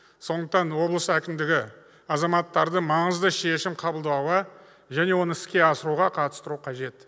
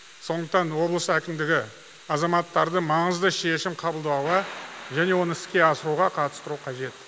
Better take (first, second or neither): first